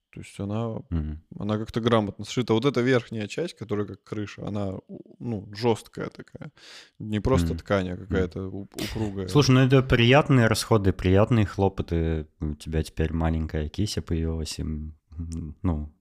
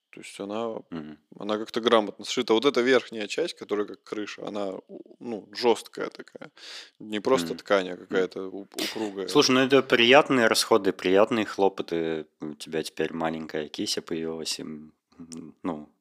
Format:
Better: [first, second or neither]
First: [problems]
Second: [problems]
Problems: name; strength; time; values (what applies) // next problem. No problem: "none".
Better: first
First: none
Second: thin; somewhat; fading below 300 Hz